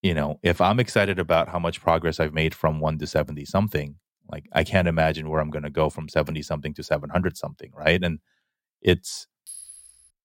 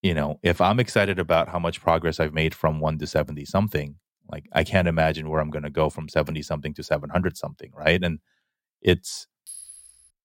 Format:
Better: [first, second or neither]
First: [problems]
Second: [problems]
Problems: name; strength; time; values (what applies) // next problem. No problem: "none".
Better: neither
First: clattering dishes; faint; at 9.5 s; peak 15 dB below the speech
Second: clattering dishes; faint; at 9.5 s; peak 15 dB below the speech